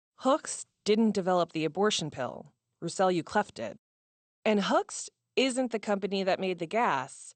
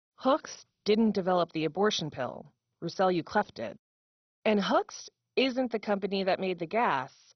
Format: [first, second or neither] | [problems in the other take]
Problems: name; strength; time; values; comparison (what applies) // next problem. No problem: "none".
first | garbled, watery; badly; nothing above 6 kHz; slightly in the first